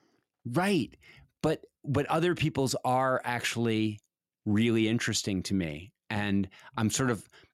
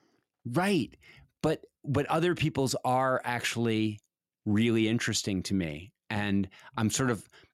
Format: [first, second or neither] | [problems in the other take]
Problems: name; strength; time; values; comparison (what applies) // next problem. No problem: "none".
neither | none